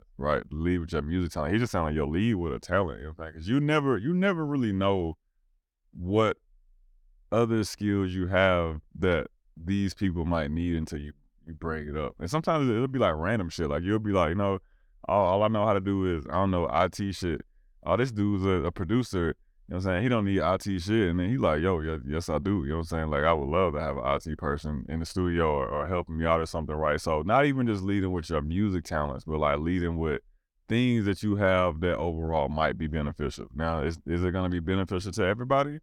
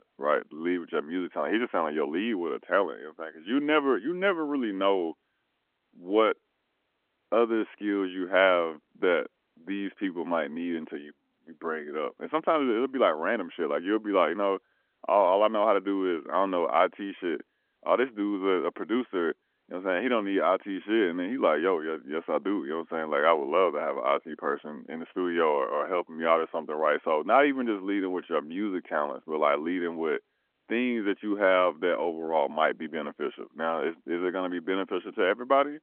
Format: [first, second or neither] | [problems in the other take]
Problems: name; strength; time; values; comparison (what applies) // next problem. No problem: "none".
first | phone-call audio